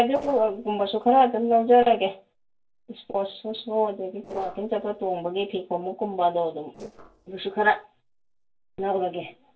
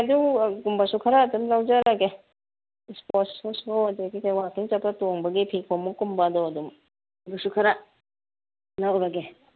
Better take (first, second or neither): second